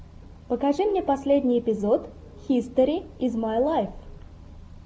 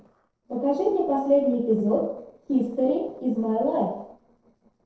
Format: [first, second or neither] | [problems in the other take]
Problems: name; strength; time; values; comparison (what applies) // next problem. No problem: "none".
first | noise reduction (neural separator model SepFormer DNS4)